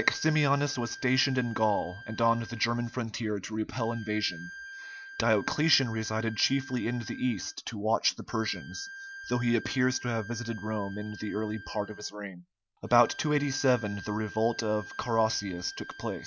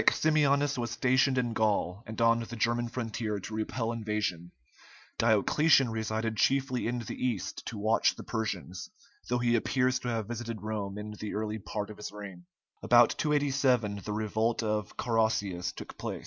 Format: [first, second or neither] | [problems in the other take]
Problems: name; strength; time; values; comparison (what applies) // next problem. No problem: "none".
second | background sound (Bowed string instrument); 16 dB below the speech